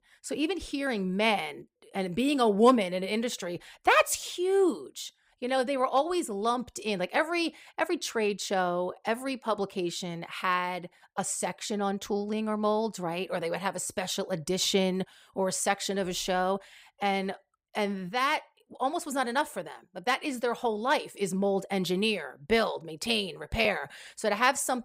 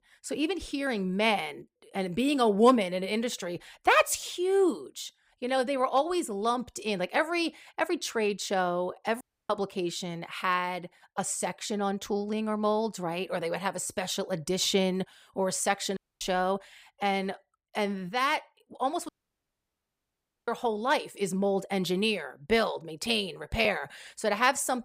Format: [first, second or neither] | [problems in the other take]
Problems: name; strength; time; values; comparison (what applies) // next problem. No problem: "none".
first | audio cutting out; at 9 s, at 16 s and at 19 s for 1.5 s